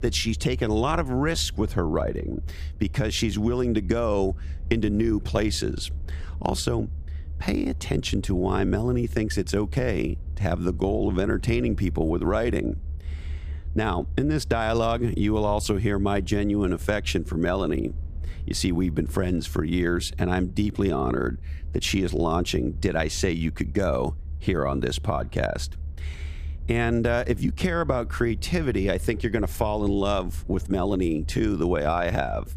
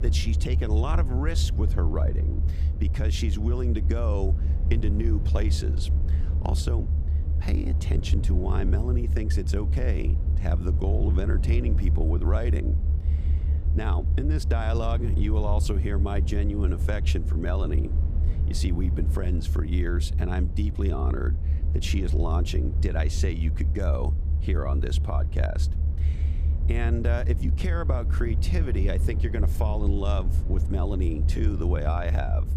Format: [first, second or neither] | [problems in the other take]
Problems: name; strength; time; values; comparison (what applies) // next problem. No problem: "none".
first | low rumble; loud; throughout; 8 dB below the speech; faint in the first